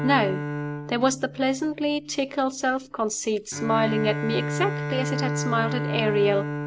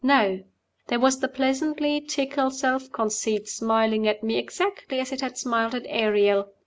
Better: second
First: background sound (Bowed string instrument); 5 dB below the speech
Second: none

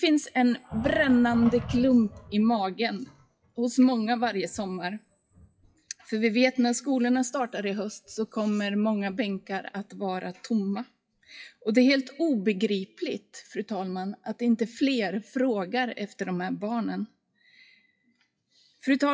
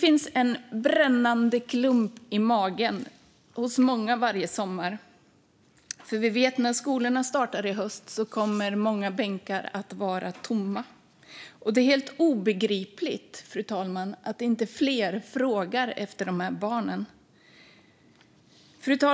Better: second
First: noise reduction (classical method WPE with log-MMSE)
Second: none

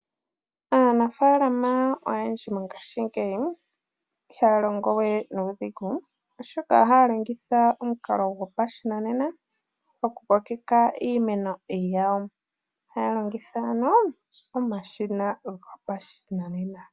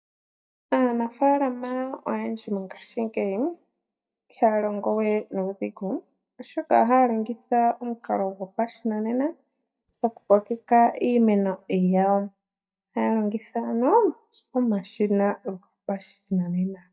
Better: first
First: none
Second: noise reduction (neural mask model DeepFilterNet 3)

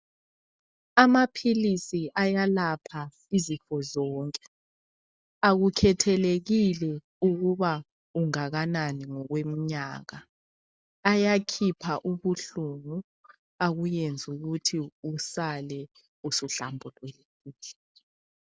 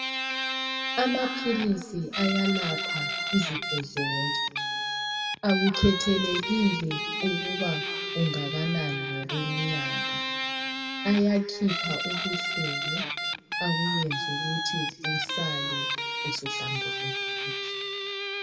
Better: first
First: none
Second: background sound (Guitar); 1 dB below the speech // room echo; dies away in 2.2 s

